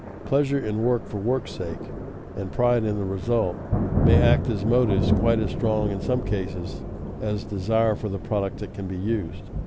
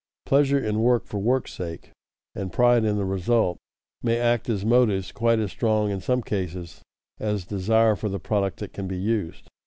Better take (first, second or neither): second